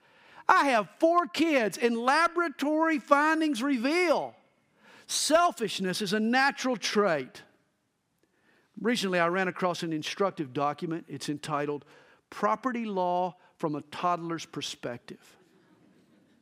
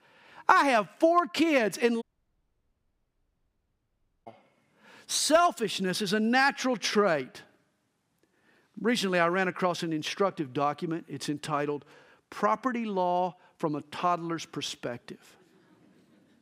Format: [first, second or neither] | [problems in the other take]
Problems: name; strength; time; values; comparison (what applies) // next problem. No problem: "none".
first | audio cutting out; at 2 s for 2 s